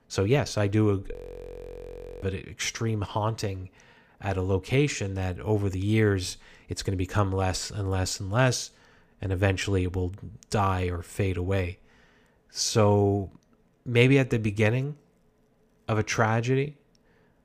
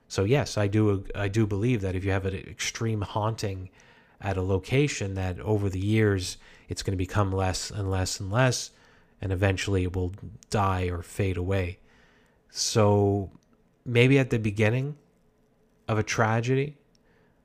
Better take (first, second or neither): second